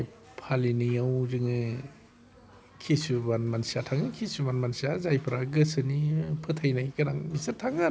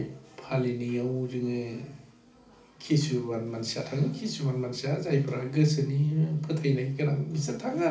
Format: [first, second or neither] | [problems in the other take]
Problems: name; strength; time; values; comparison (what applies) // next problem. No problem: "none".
first | room echo; dies away in 0.4 s